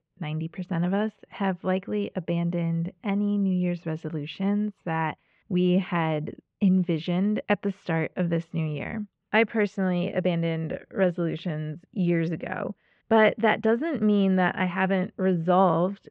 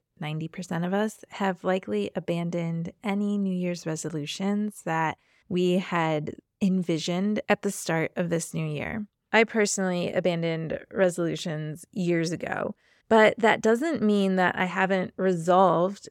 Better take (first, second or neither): second